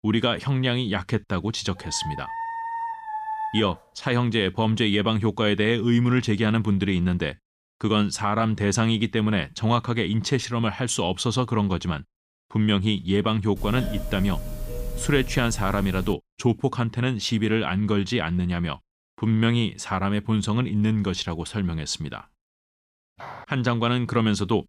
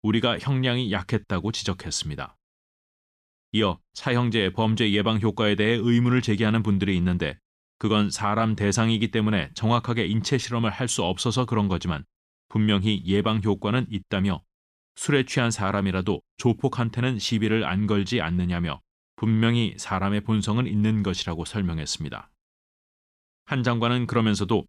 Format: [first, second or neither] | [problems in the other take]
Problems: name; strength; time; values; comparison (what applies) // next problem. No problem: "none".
second | dog barking; noticeable; from 2 to 3.5 s; peak 5 dB below the speech // doorbell; noticeable; from 14 to 16 s; peak 9 dB below the speech // footsteps; faint; at 23 s; peak 15 dB below the speech